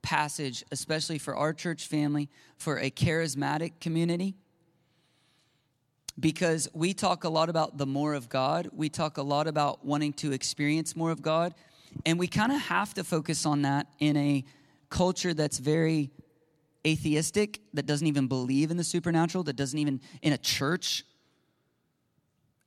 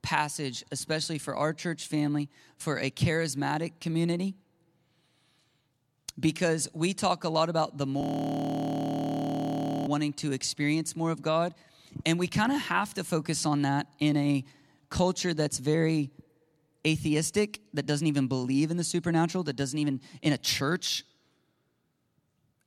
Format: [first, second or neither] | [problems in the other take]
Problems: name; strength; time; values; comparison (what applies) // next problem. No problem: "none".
first | audio freezing; at 8 s for 2 s